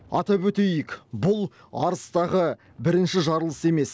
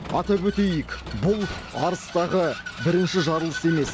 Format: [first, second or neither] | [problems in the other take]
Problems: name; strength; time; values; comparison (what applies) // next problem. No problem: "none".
first | background sound (Vehicle); 11 dB below the speech